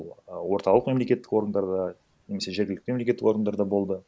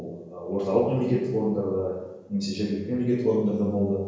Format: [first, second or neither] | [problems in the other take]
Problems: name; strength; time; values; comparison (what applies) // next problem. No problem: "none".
first | room echo; dies away in 1 s